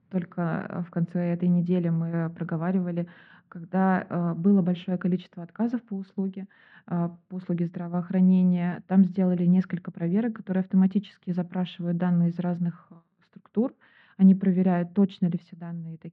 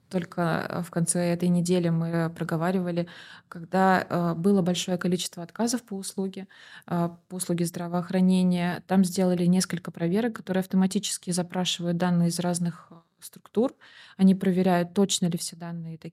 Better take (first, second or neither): second